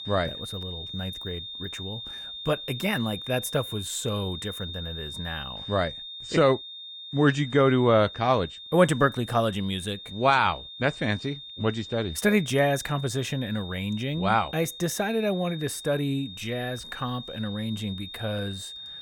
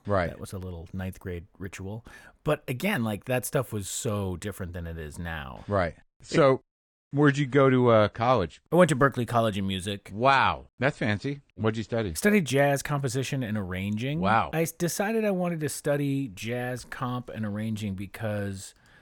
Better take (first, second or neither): second